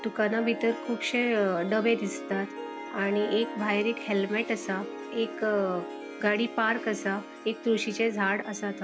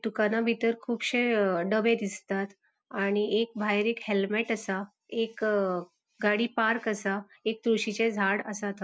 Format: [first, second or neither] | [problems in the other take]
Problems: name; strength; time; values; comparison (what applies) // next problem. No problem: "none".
second | background sound (Harp); 10 dB below the speech